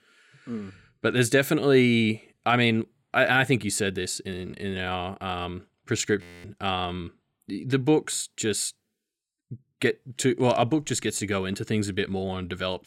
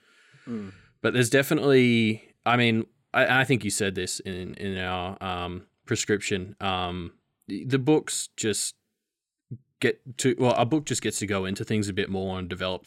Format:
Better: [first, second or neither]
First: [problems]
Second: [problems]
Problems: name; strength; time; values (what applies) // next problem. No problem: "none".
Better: second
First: audio freezing; at 6 s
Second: none